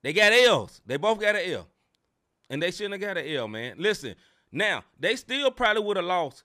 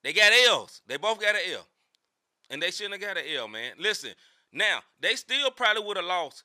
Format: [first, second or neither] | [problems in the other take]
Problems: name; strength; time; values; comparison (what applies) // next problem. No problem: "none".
first | thin; somewhat; fading below 1 kHz